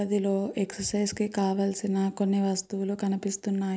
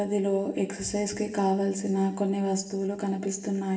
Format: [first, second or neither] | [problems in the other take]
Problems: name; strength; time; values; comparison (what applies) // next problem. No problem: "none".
first | room echo; dies away in 0.8 s